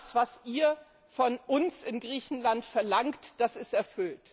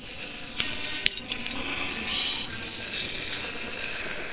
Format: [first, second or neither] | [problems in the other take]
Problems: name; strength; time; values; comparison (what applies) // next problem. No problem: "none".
first | noise reduction (neural separator model SepFormer WHAMR!)